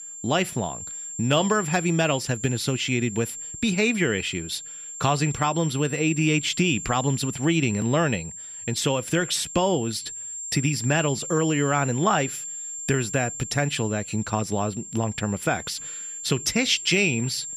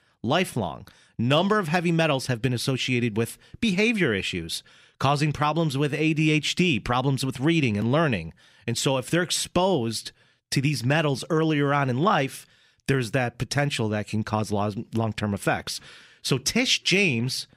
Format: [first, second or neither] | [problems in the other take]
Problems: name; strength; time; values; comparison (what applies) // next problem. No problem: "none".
second | high-pitched whine; loud; throughout; 7.5 kHz, 9 dB below the speech